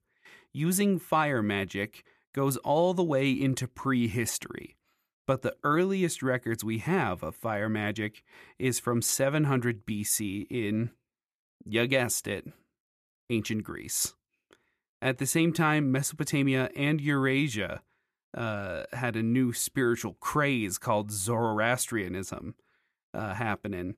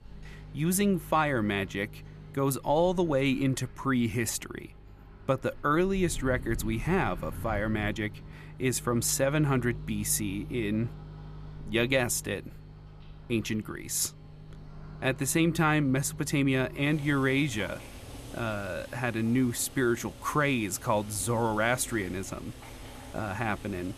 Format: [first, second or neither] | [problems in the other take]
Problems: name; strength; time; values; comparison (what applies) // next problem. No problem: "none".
first | household noises; noticeable; throughout; 15 dB below the speech